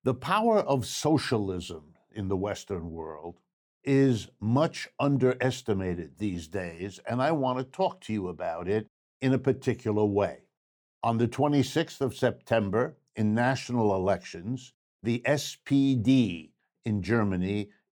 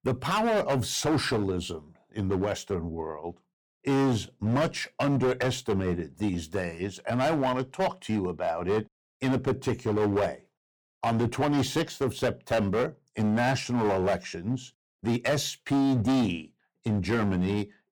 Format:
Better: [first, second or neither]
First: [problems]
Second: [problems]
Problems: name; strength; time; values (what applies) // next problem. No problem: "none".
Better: first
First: none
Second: distortion; heavy; 12% of the sound clipped